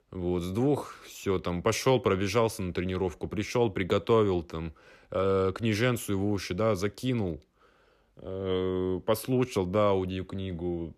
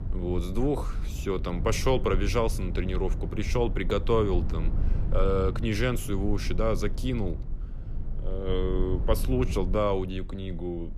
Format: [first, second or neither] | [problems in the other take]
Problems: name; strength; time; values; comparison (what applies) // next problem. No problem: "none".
first | low rumble; noticeable; throughout; 15 dB below the speech